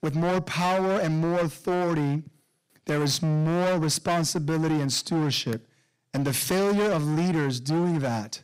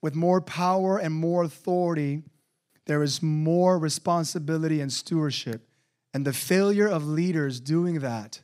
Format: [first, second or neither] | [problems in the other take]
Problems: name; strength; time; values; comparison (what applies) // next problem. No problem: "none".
second | distortion; heavy; 24% of the sound clipped